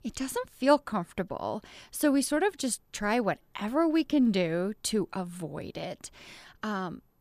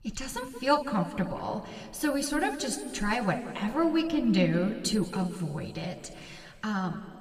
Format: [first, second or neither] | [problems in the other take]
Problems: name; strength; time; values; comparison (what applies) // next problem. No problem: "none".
first | room echo; slight; dies away in 2.2 s // off-mic speech; somewhat distant